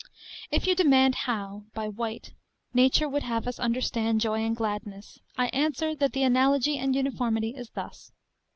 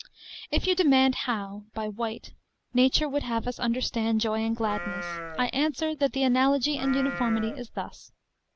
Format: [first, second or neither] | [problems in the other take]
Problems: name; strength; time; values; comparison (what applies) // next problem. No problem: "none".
first | background sound (Livestock, farm animals, working animals); 10 dB below the speech